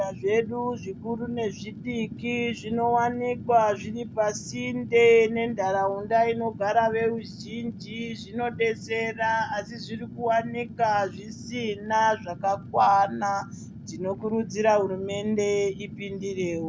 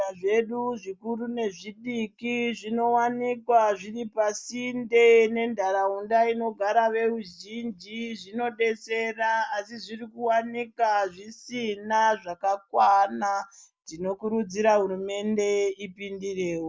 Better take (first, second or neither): second